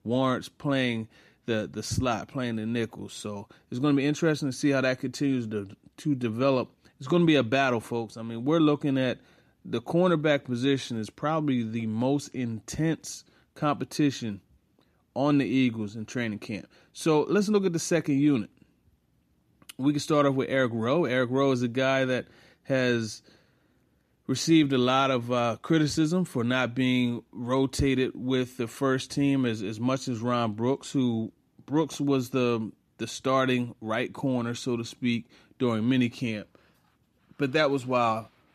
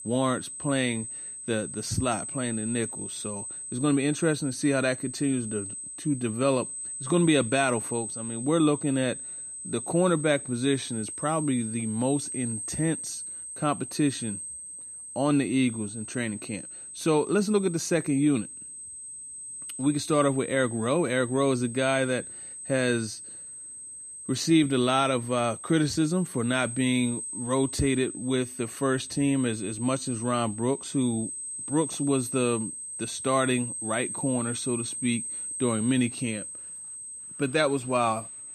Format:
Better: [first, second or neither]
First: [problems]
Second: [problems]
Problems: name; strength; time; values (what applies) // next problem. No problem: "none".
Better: first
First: none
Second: high-pitched whine; loud; throughout; 8 kHz, 8 dB below the speech